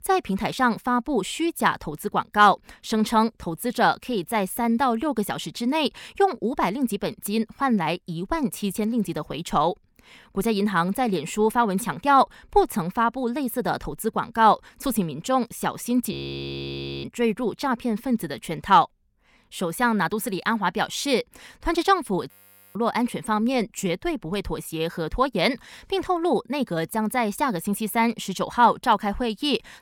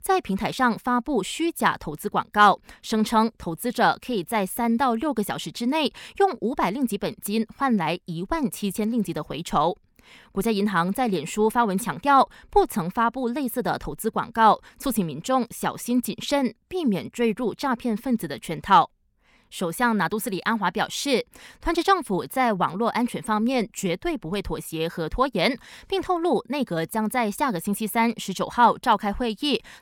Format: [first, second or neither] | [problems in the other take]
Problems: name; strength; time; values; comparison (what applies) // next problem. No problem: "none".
second | audio freezing; at 16 s for 1 s and at 22 s